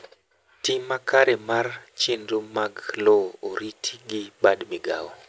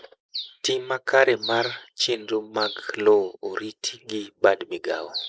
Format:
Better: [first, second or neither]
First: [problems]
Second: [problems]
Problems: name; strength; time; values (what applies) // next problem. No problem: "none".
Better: first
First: none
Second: noise reduction (neural mask model Resemble Enhance denoiser)